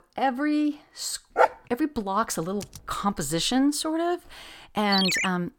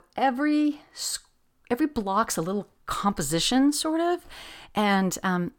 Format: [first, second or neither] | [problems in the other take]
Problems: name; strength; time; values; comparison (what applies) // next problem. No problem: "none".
second | dog barking; loud; at 1.5 s; peak 4 dB above the speech // keyboard typing; faint; at 2.5 s; peak 15 dB below the speech // phone ringing; loud; at 5 s; peak 4 dB above the speech